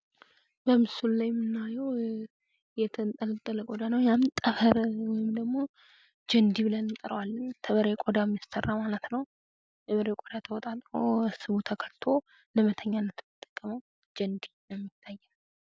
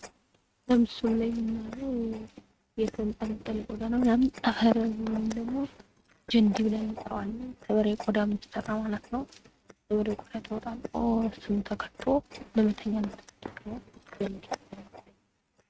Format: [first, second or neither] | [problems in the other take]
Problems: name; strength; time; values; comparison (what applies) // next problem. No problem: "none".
first | noise reduction (neural mask model RNNoise)